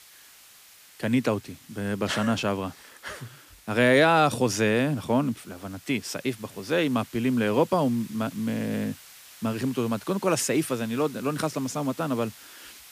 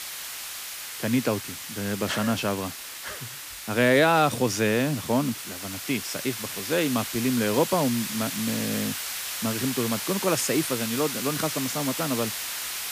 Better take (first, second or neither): first